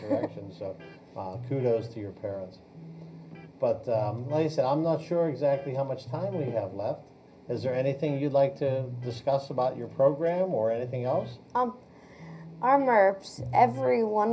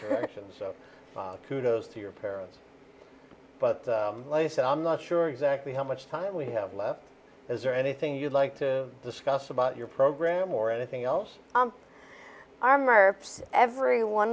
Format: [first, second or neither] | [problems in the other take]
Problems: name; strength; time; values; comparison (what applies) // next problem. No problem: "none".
second | background sound (Electric guitar); 15 dB below the speech // room echo; dies away in 0.4 s